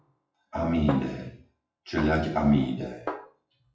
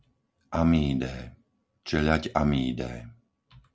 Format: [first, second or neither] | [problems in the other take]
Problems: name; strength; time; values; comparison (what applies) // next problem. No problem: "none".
second | noise reduction (classical method WPE with log-MMSE)